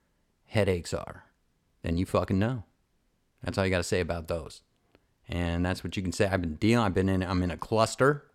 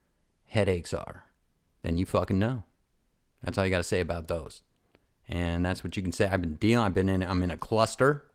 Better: first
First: none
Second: garbled, watery; slightly; nothing above 18.5 kHz

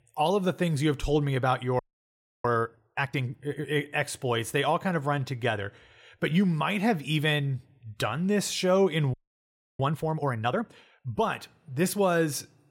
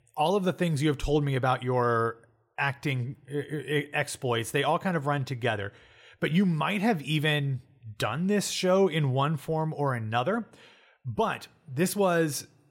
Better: second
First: audio freezing; at 2 s for 0.5 s and at 9 s for 0.5 s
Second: none

